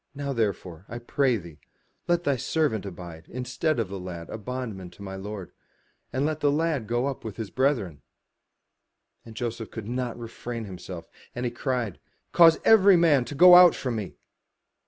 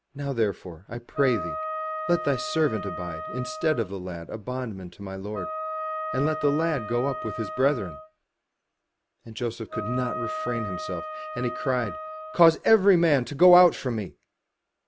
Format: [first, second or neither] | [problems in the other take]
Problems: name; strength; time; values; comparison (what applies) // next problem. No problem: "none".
first | background sound (Wind instrument, woodwind instrument); 7 dB below the speech